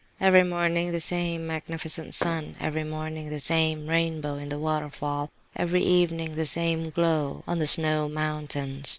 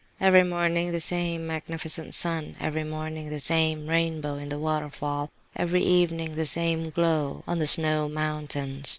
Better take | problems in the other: second | background sound (Fireworks); 15 dB below the speech

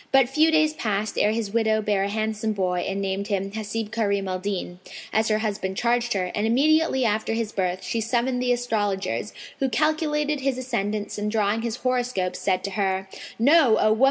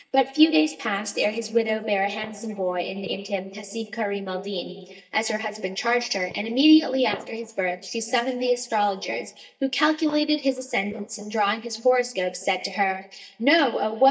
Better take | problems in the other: first | noise reduction (neural mask model DeepFilterNet 3)

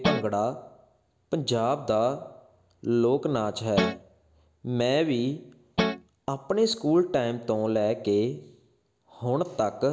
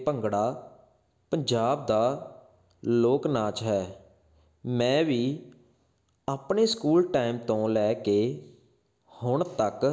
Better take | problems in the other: second | background sound (Guitar); 1 dB below the speech

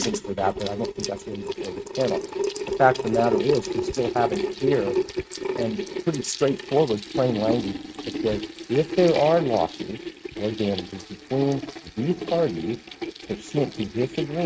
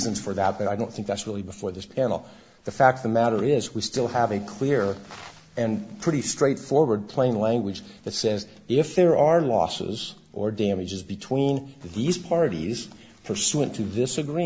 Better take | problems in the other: second | noise reduction (neural mask model RNNoise)

